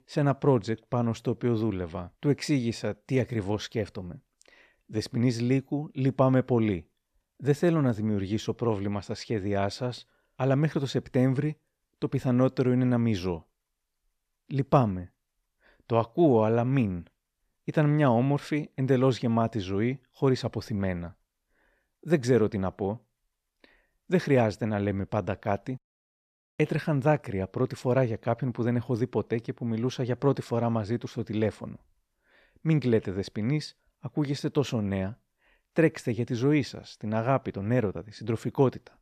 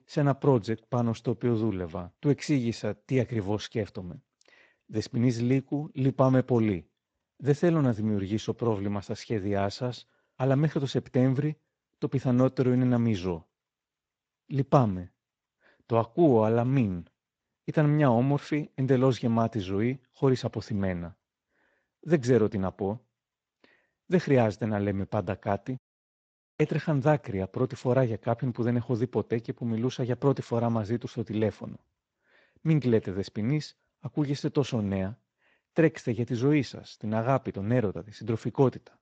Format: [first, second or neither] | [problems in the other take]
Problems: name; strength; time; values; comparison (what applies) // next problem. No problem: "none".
first | garbled, watery; slightly; nothing above 8 kHz